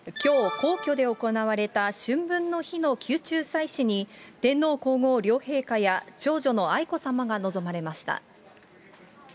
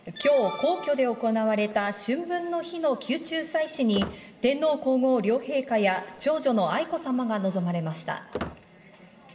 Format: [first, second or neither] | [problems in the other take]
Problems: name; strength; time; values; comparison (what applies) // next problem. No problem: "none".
first | background sound (Squeak); 18 dB below the speech // room echo; dies away in 2.6 s